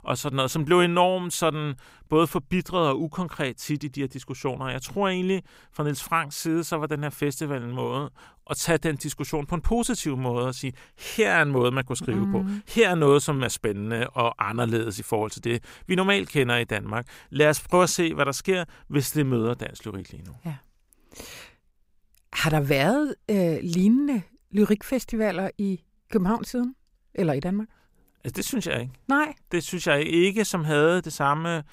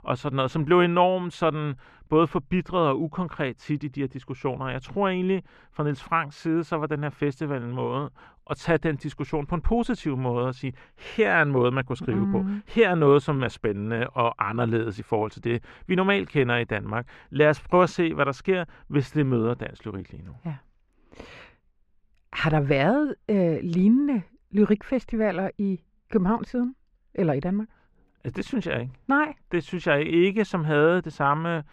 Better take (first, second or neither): first